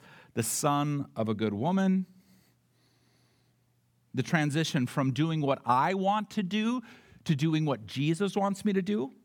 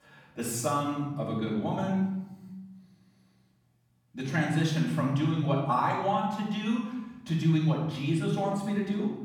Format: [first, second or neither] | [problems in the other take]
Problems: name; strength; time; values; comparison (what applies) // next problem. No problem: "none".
first | off-mic speech; far // room echo; noticeable; dies away in 0.9 s